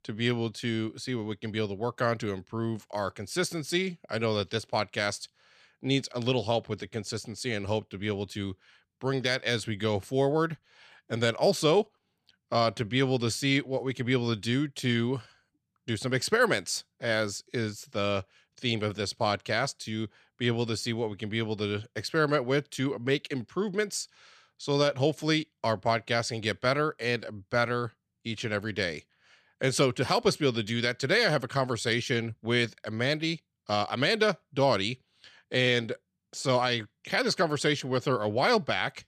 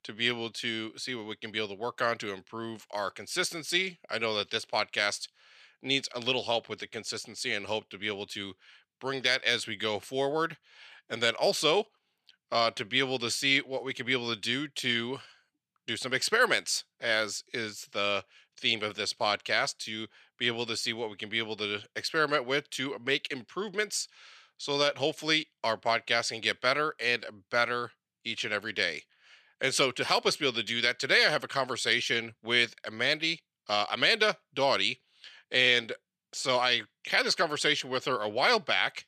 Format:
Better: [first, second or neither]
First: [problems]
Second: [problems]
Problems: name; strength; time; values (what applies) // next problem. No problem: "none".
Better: first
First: none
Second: thin; somewhat; fading below 600 Hz